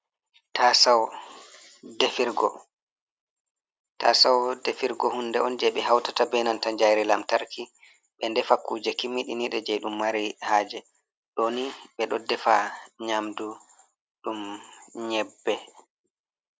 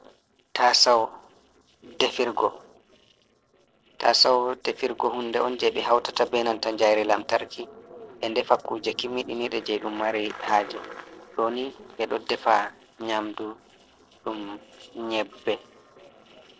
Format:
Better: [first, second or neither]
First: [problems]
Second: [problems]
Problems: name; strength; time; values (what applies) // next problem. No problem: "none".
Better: first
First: none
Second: noise reduction (neural separator model SepFormer DNS4)